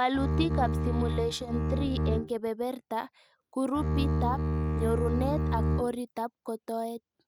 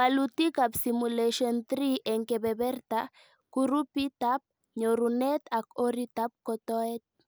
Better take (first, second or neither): second